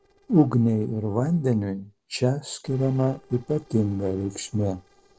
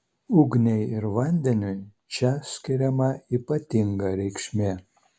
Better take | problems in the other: second | noise reduction (neural separator model SepFormer DNS4)

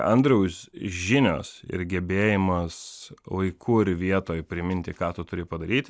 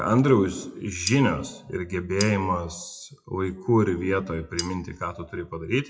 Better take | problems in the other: first | noise reduction (classical method WPE with log-MMSE)

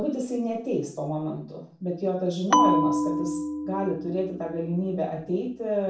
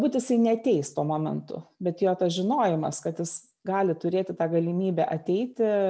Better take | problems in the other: second | background sound (Bell); 2 dB above the speech // room echo; dies away in 0.4 s

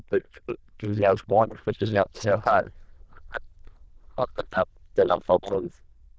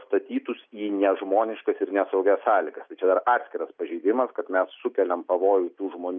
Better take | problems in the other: second | noise reduction (neural diffusion model UNIVERSE++)

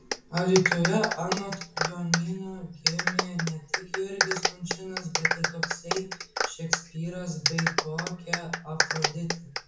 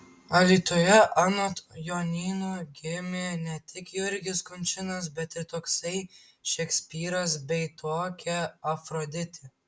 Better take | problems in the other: second | background sound (Clapping); 1 dB above the speech // room echo; dies away in 0.6 s

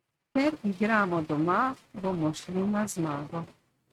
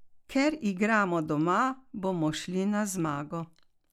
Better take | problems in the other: second | noise reduction (neural mask model RNNoise)

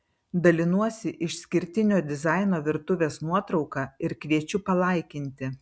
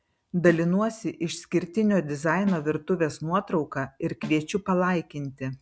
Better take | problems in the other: first | background sound (Snare drum); 18 dB below the speech

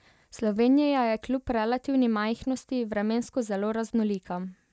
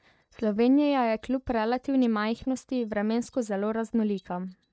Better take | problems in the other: first | noise reduction (neural mask model DeepFilterNet 3)

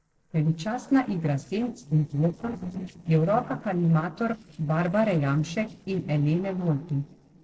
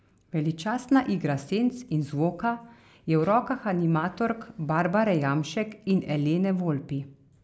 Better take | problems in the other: second | noise reduction (neural separator model SepFormer DNS4)

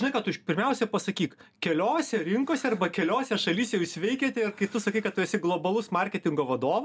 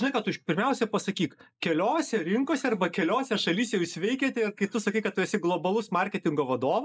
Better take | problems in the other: first | noise reduction (neural mask model Resemble Enhance denoiser)

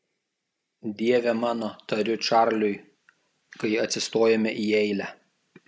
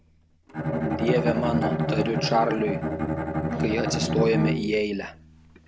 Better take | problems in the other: first | background sound (Bowed string instrument); 1 dB above the speech

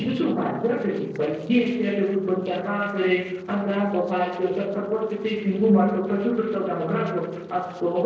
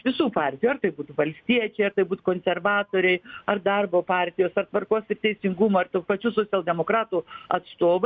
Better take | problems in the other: second | noise reduction (neural separator model SepFormer DNS4)

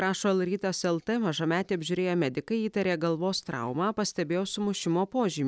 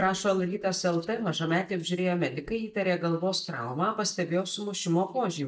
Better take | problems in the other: first | noise reduction (neural mask model DeepFilterNet 3)

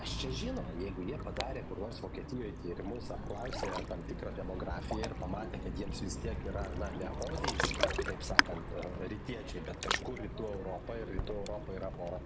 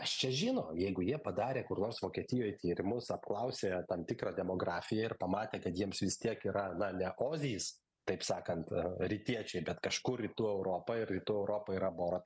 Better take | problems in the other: second | background sound (Ocean); 3 dB above the speech

